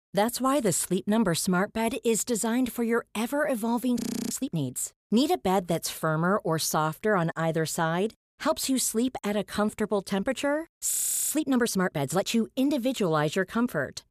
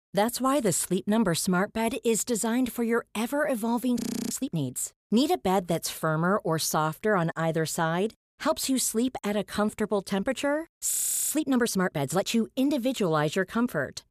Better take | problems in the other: neither | audio freezing; at 4 s and at 11 s; the same in both

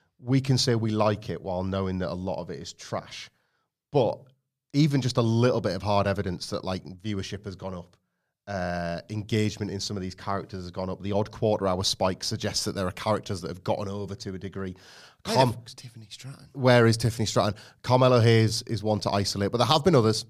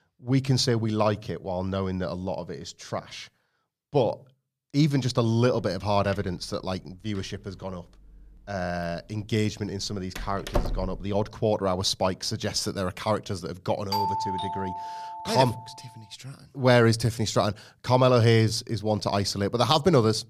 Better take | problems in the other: first | door banging; noticeable; at 10 s; peak 5 dB below the speech // doorbell; noticeable; from 14 to 16 s; peak 1 dB below the speech

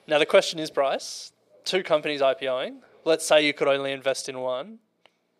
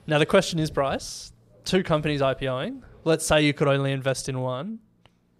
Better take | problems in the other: second | thin; somewhat; fading below 350 Hz

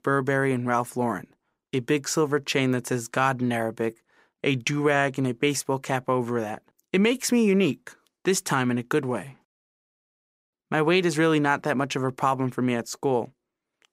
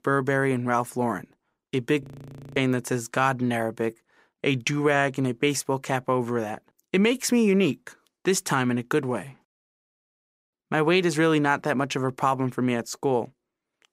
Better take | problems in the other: first | audio freezing; at 2 s for 0.5 s

